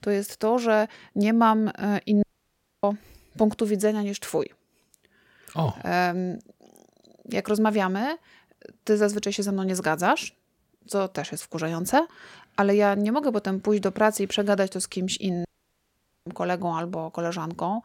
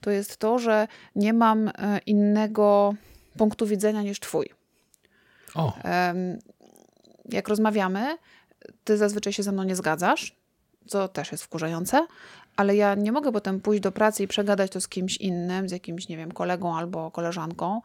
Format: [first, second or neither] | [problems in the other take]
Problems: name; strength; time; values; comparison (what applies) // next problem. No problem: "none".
second | audio cutting out; at 2 s for 0.5 s and at 15 s for 1 s